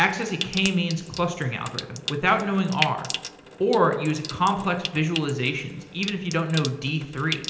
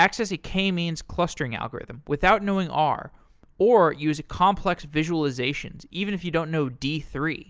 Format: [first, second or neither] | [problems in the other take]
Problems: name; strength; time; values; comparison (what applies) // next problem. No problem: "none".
second | background sound (Trickle, dribble / Sink (filling or washing) / Water tap, faucet); 10 dB below the speech // room echo; dies away in 0.9 s